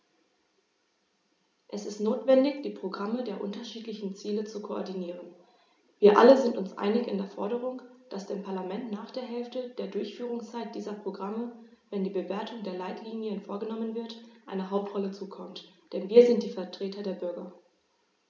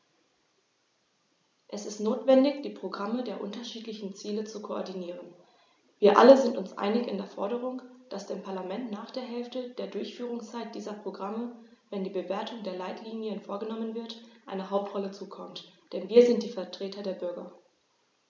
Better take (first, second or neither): second